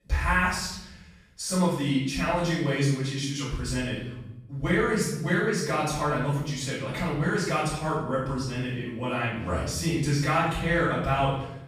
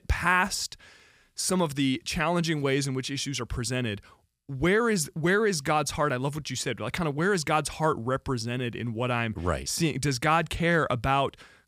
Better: second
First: off-mic speech; far // room echo; noticeable; dies away in 0.8 s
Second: none

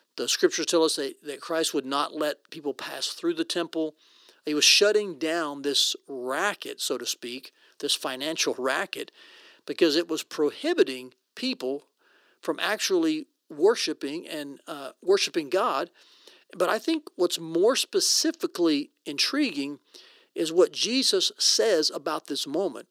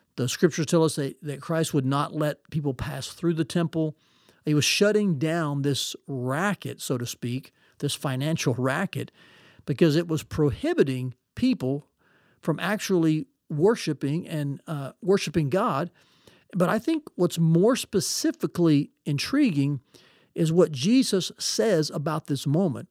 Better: second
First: thin; somewhat; fading below 350 Hz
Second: none

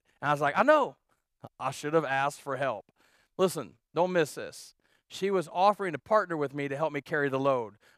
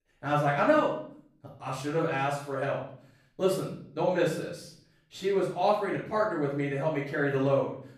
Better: first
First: none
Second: off-mic speech; far // room echo; noticeable; dies away in 0.6 s

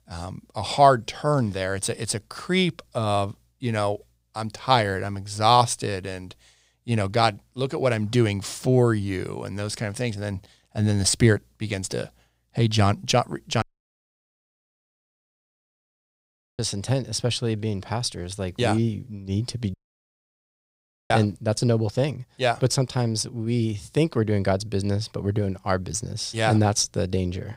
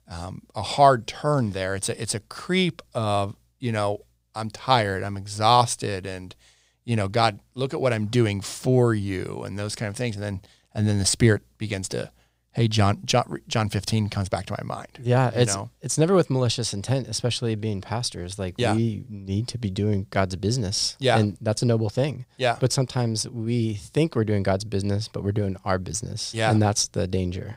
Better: second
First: audio cutting out; at 14 s for 3 s and at 20 s for 1.5 s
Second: none

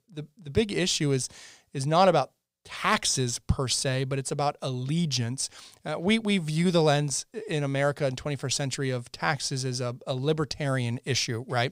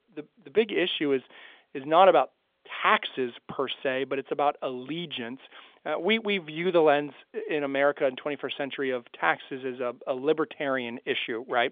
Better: first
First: none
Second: phone-call audio; nothing above 3.5 kHz

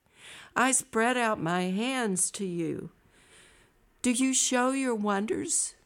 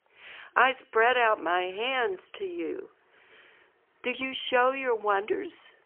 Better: first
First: none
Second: phone-call audio; poor line; nothing above 3 kHz

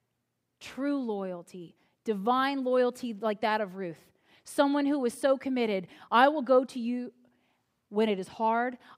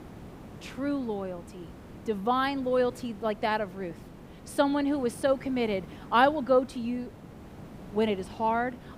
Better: first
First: none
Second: hiss; noticeable; throughout; 20 dB below the speech

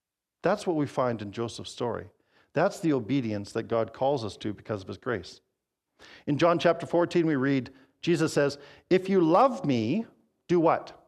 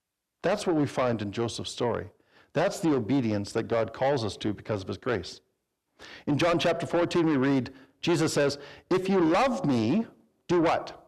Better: first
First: none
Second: distortion; heavy; 8 dB below the speech

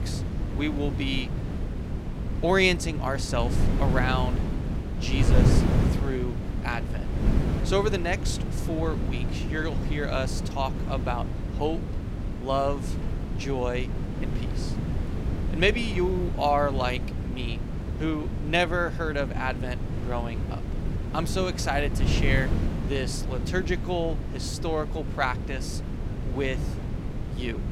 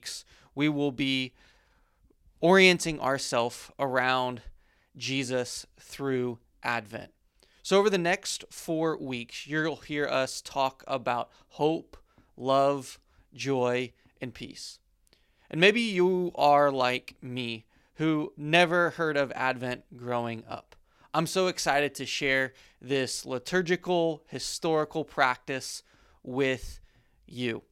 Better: second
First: wind noise on the microphone; heavy; 9 dB below the speech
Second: none

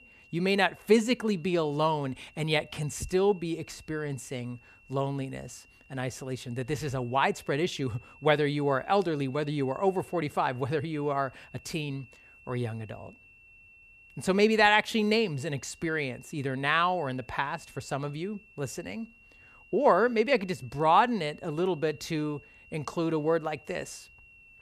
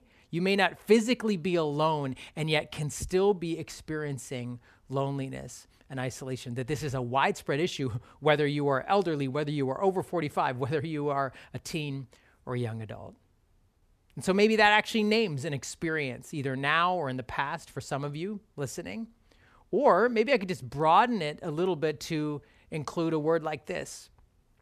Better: second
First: high-pitched whine; faint; throughout; 2.5 kHz, 25 dB below the speech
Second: none

